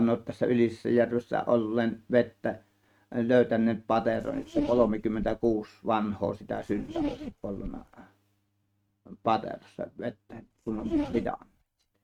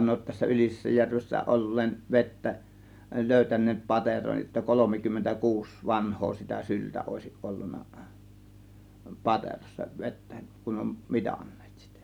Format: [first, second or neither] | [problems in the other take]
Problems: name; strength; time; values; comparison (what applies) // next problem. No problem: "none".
second | noise reduction (neural mask model RNNoise)